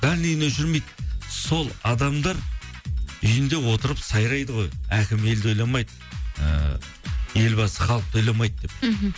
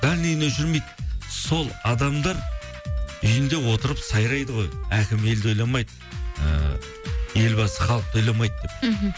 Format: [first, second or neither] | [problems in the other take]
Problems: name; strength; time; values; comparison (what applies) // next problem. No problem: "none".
first | background sound (Wind instrument, woodwind instrument); 20 dB below the speech